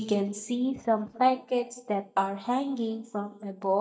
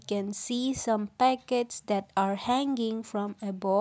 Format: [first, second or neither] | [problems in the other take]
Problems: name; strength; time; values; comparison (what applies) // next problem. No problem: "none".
second | noise reduction (neural mask model DeepFilterNet 3)